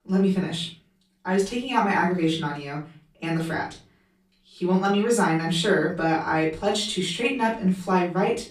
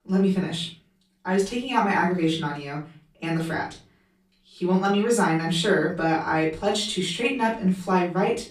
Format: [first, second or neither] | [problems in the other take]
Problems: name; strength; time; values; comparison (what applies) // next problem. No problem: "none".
neither | off-mic speech; far; the same in both // room echo; slight; dies away in 0.3 s; the same in both